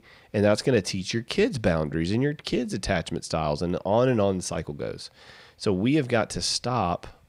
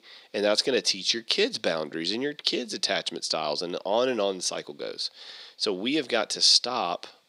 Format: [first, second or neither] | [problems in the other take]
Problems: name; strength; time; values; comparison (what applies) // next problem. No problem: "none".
first | thin; very slightly; fading below 300 Hz